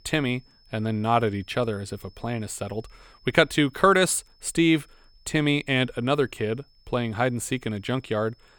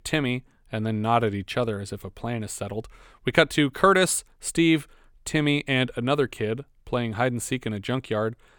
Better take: second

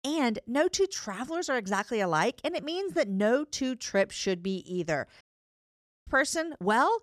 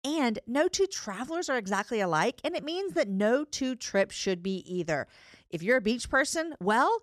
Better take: second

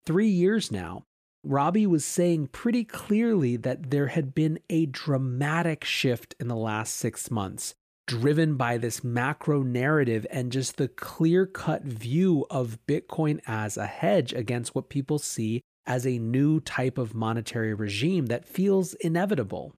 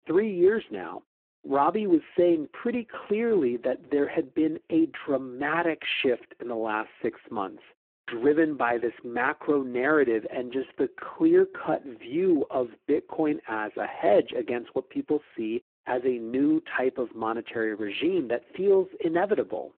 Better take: first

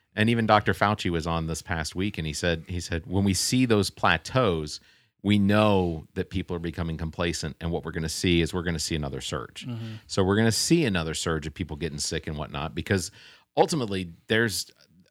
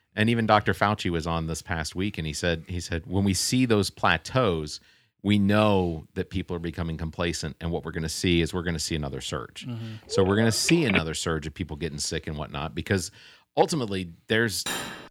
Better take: first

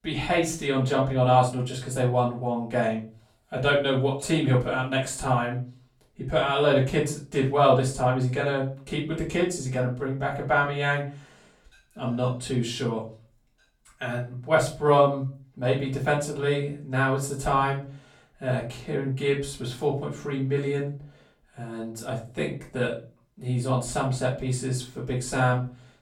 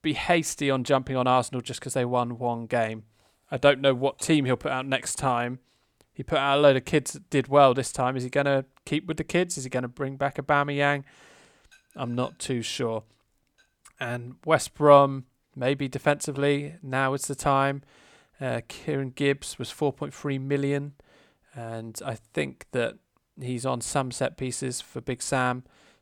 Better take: second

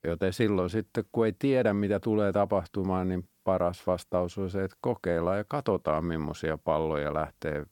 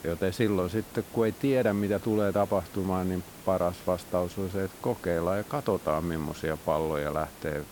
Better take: first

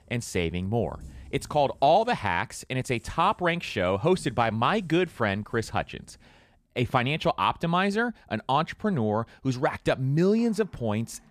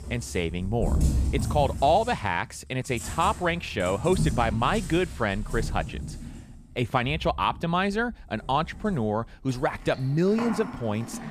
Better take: first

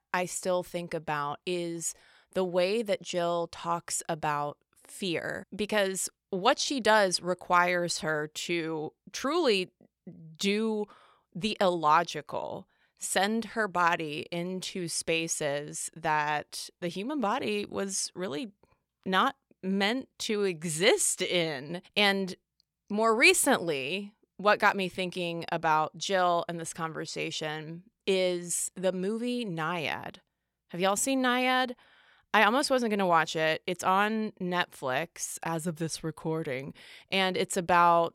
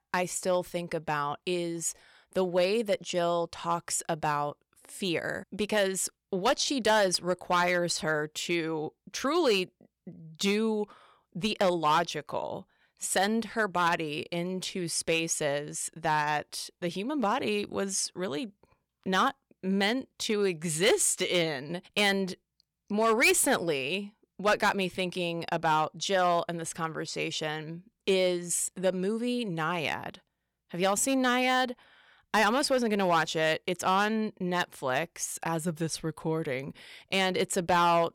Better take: first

